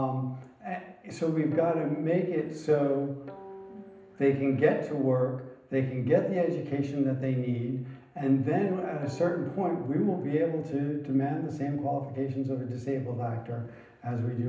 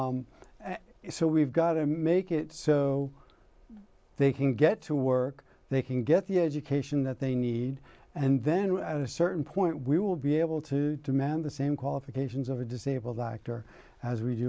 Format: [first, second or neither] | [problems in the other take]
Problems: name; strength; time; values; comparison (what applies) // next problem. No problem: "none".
second | background sound (Guitar); 19 dB below the speech // room echo; dies away in 0.8 s